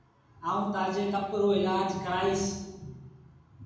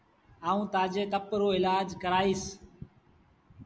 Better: second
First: room echo; dies away in 0.9 s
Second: none

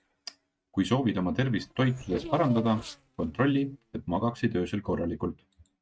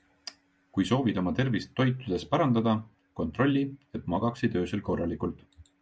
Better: second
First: noise reduction (neural mask model RNNoise)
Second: none

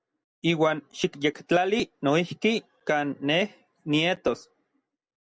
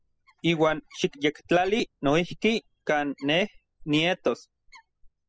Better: first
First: none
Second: noise reduction (classical method spectral subtraction)

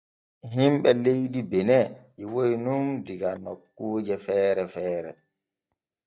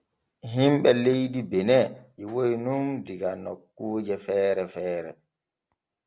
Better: second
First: noise reduction (neural mask model DeepFilterNet 3)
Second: none

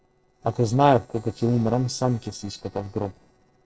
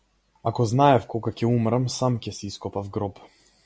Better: second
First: noise reduction (neural separator model SepFormer DNS4)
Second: none

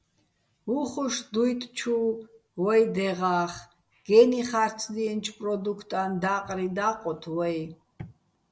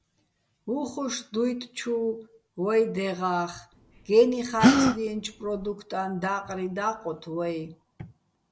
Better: first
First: none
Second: background sound (Gasp); 3 dB above the speech

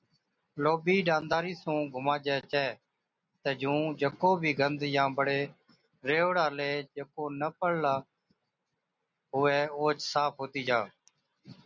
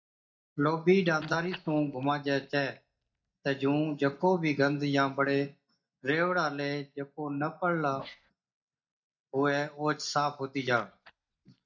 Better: first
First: none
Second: noise reduction (neural mask model DeepFilterNet 3)

